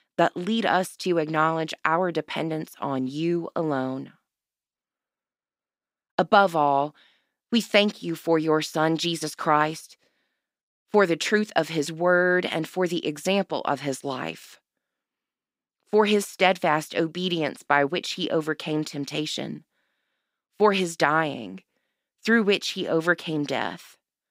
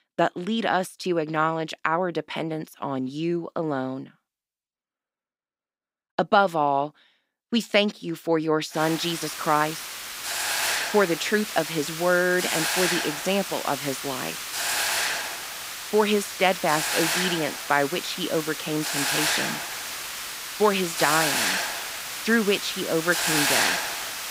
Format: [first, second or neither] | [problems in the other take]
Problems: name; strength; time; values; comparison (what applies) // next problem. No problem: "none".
first | hiss; loud; from 9 s on; 1 dB below the speech